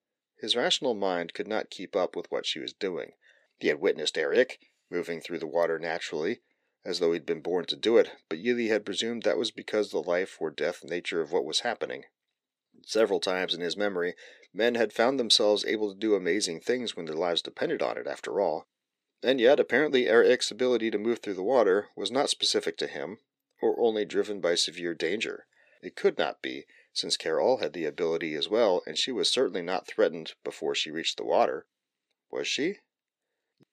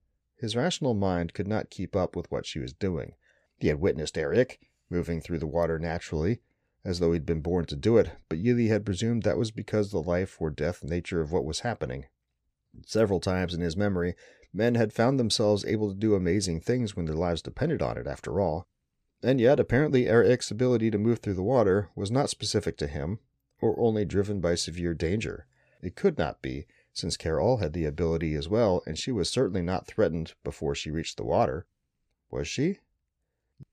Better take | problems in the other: second | thin; somewhat; fading below 300 Hz

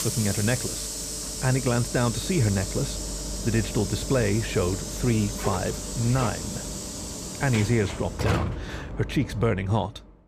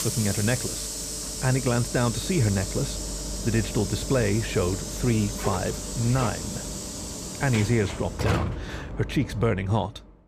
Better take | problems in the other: neither | hiss; loud; throughout; 5 dB below the speech; the same in both

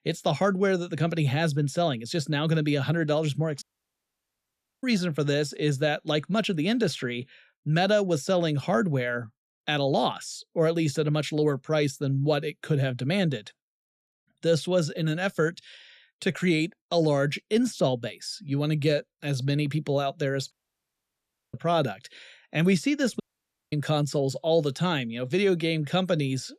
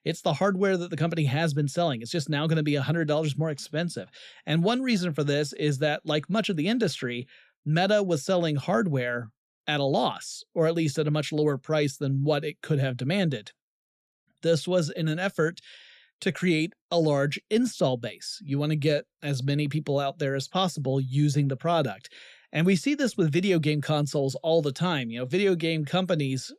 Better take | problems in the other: second | audio cutting out; at 3.5 s for 1 s, at 21 s for 1 s and at 23 s for 0.5 s

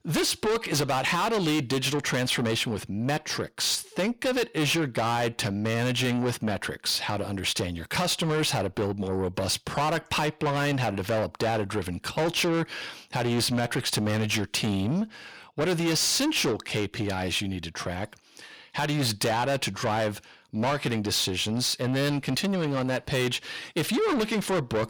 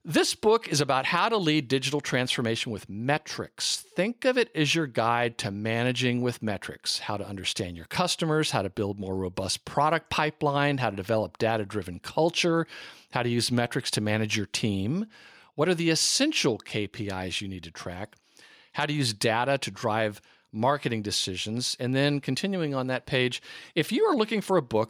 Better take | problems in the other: second | distortion; heavy; 6 dB below the speech

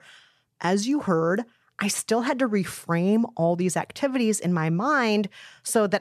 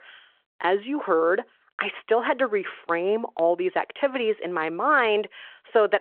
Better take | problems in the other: first | phone-call audio

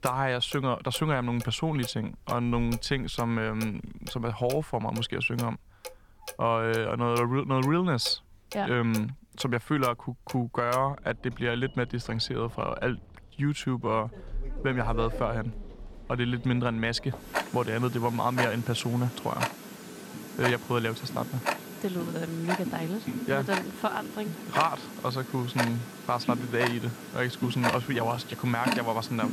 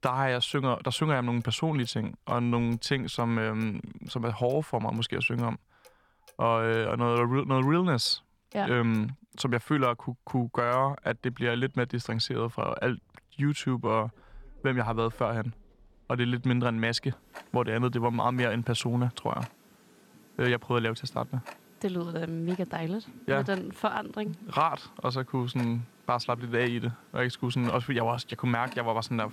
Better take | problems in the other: second | household noises; loud; throughout; 8 dB below the speech; faint in the second

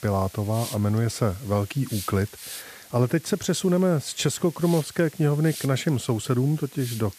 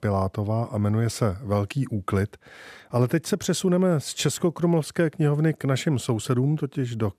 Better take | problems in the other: second | hiss; noticeable; throughout; 15 dB below the speech

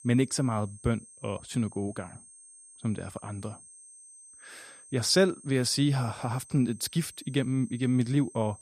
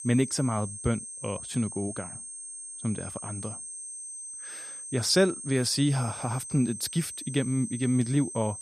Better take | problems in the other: first | high-pitched whine; loud; throughout; 8.5 kHz, 9 dB below the speech; faint in the first

